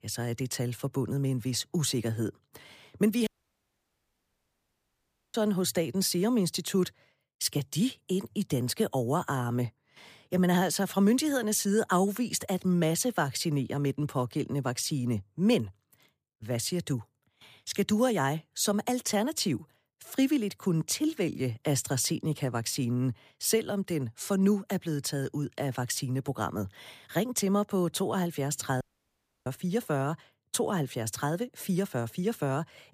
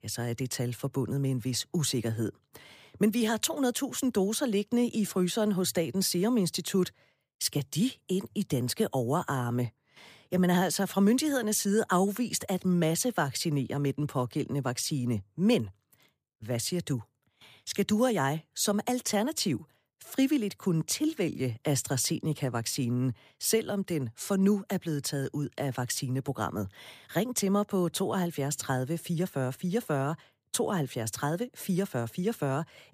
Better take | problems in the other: second | audio cutting out; at 3.5 s for 2 s and at 29 s for 0.5 s

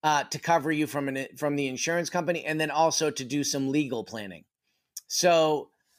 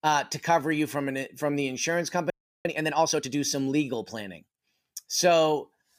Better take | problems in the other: first | audio freezing; at 2.5 s

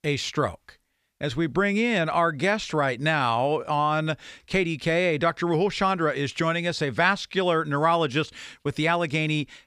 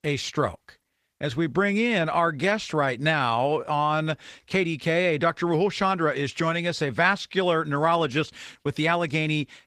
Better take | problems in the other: first | garbled, watery; slightly; nothing above 15 kHz

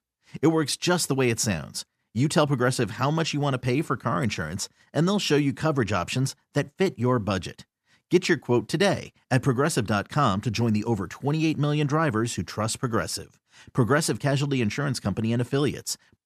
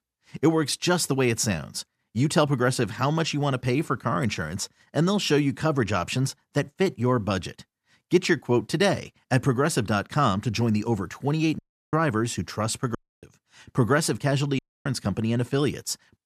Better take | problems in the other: first | audio cutting out; at 12 s, at 13 s and at 15 s

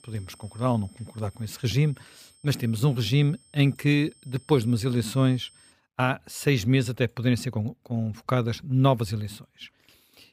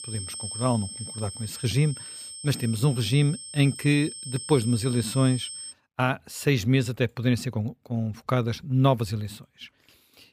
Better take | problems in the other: first | high-pitched whine; loud; until 5.5 s; 8.5 kHz, 10 dB below the speech; faint in the first

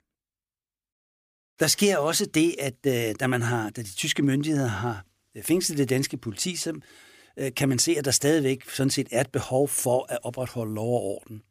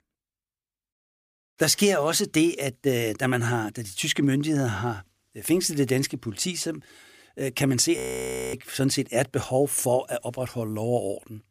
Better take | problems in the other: first | audio freezing; at 8 s for 0.5 s

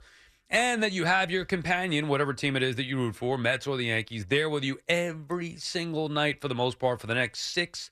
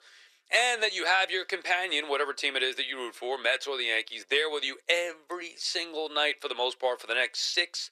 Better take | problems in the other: first | thin; very; fading below 400 Hz

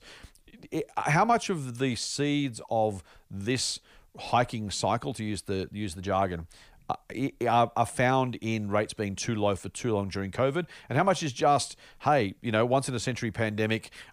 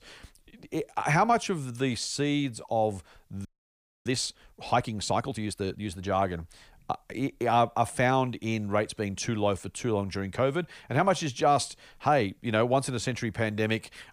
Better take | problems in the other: first | audio freezing; at 3.5 s for 0.5 s

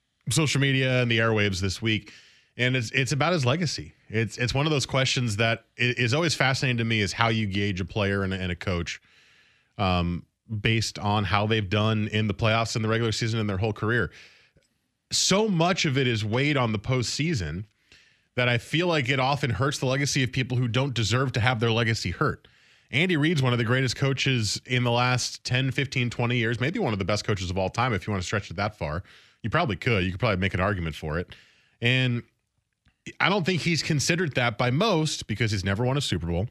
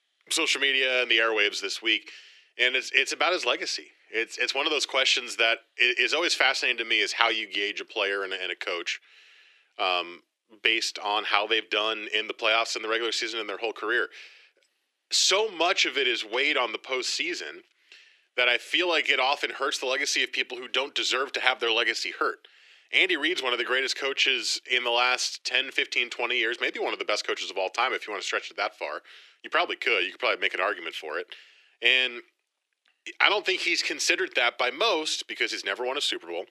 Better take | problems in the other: first | thin; very; fading below 350 Hz

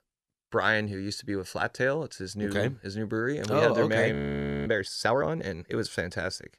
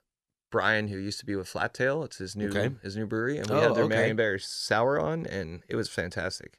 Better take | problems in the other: second | audio freezing; at 4 s for 0.5 s

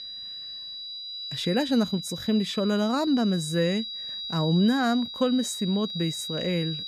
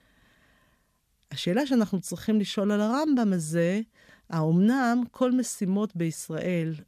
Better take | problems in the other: second | high-pitched whine; loud; throughout; 4 kHz, 8 dB below the speech

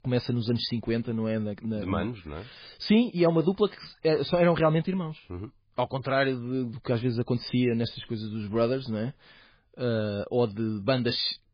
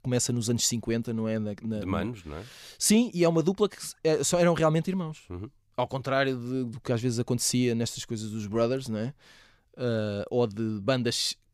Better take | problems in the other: second | garbled, watery; badly; nothing above 4.5 kHz

